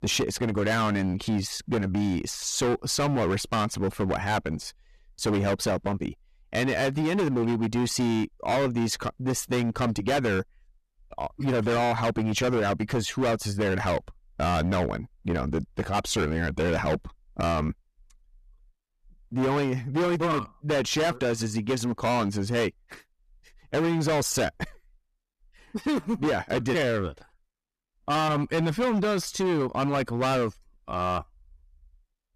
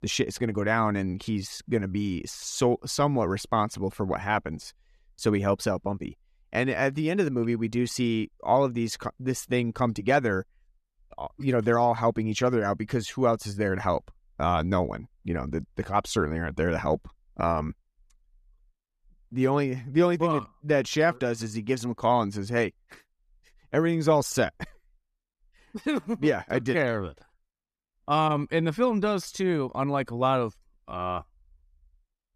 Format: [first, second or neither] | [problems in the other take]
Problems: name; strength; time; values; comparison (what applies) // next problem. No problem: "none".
second | distortion; heavy; 17% of the sound clipped